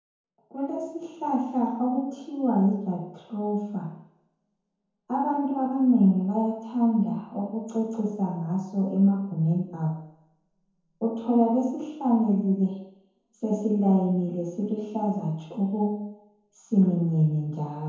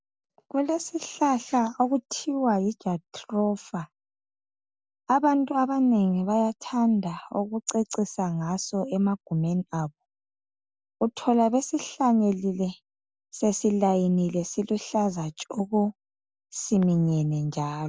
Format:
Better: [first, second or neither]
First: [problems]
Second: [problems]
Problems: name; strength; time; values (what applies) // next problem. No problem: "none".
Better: second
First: room echo; dies away in 0.9 s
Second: none